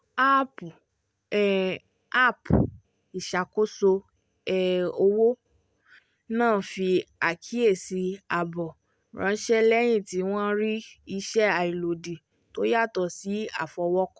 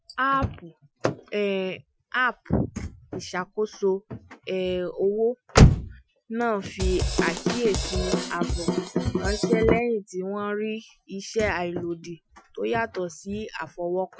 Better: first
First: none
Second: noise reduction (classical method Wiener filter)

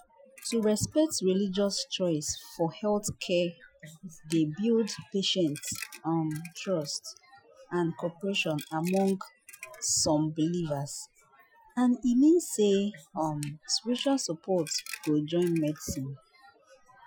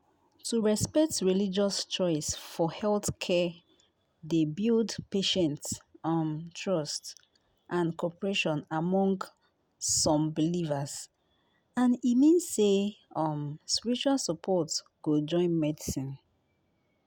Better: second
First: noise reduction (classical method Wiener filter)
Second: none

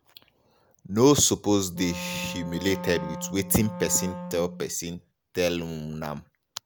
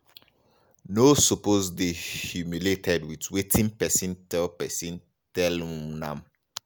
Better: second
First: background sound (Wind instrument, woodwind instrument); 10 dB below the speech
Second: none

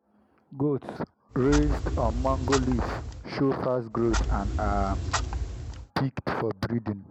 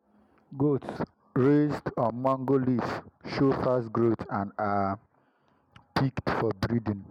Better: second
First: background sound (Clock); as loud as the speech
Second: none

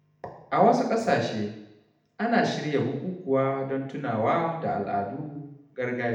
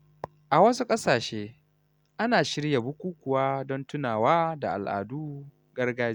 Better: second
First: room echo; dies away in 0.8 s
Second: none

